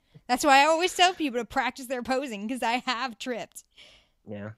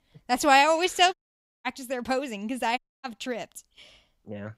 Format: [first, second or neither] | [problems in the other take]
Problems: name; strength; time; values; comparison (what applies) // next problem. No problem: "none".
first | audio cutting out; at 1 s for 0.5 s and at 3 s